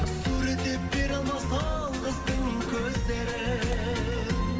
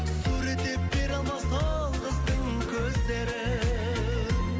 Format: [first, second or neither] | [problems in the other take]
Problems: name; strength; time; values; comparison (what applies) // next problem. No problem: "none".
second | background sound (Walk, footsteps); 13 dB below the speech // room echo; dies away in 1.8 s